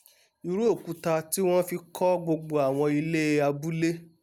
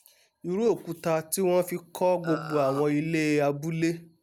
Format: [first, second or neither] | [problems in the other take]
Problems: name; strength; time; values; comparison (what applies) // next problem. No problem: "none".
first | background sound (Burping, eructation); 10 dB below the speech